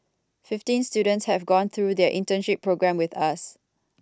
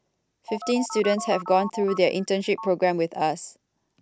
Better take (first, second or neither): first